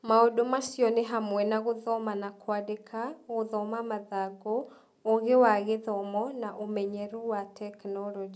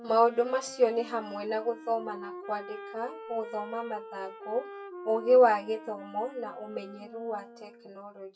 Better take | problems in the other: first | noise reduction (classical method WPE with log-MMSE)

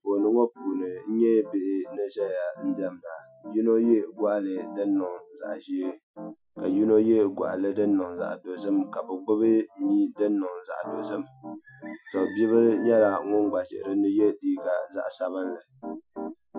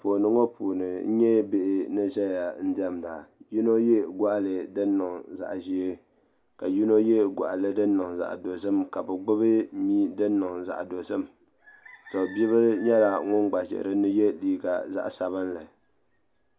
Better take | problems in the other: second | noise reduction (classical method Wiener filter)

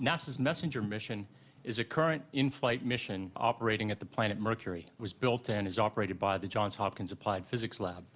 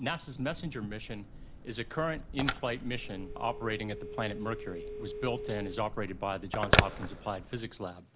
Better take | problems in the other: first | background sound (Telephone); as loud as the speech

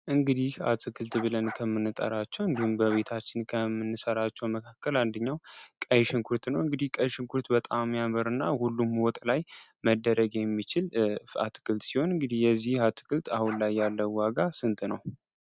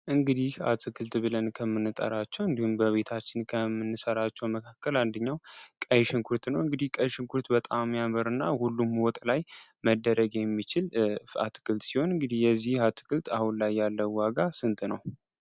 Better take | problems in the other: second | noise reduction (neural mask model RNNoise)

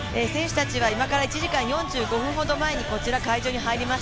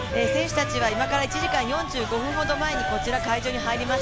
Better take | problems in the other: first | background sound (Wind instrument, woodwind instrument); 5 dB below the speech

